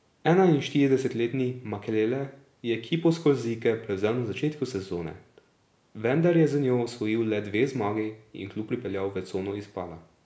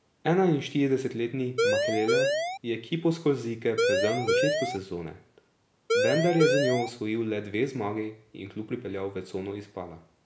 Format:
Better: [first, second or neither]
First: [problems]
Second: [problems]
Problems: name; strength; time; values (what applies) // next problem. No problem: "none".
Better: first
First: none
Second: background sound (Siren); 4 dB above the speech